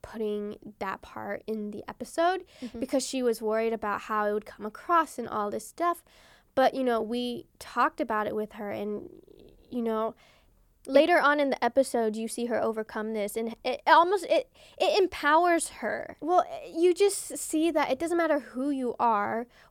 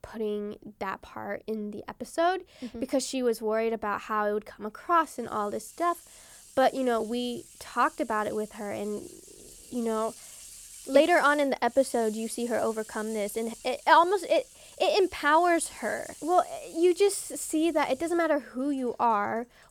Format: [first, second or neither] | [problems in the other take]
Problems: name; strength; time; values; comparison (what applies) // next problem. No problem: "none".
first | household noises; noticeable; from 5.5 s on; 20 dB below the speech